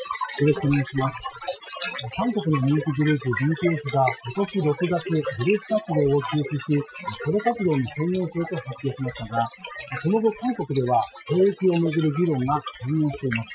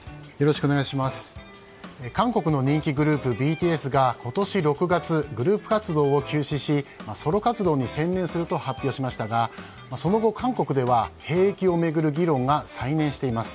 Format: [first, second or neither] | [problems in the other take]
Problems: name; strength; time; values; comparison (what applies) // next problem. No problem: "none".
second | noise reduction (classical method Wiener filter)